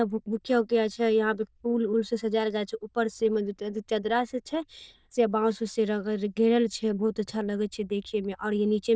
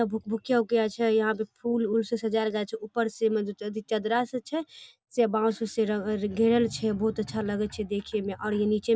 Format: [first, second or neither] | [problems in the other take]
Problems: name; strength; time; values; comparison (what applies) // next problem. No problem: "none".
second | noise reduction (neural diffusion model UNIVERSE++)